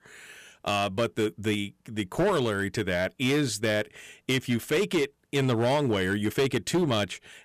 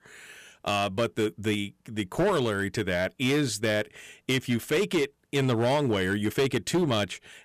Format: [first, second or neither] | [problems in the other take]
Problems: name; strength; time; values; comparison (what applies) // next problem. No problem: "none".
neither | distortion; slight; 8% of the sound clipped; the same in both